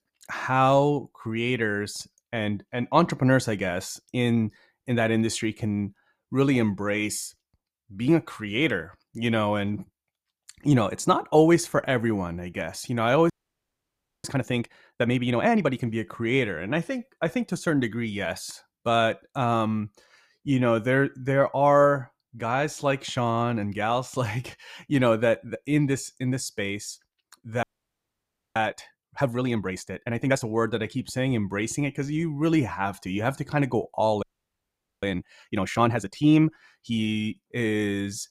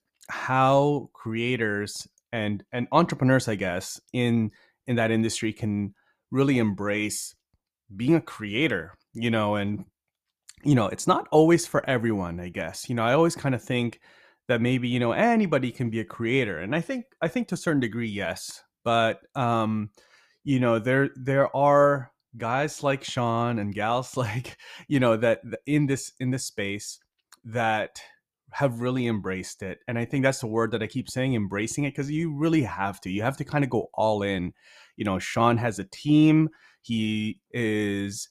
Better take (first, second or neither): second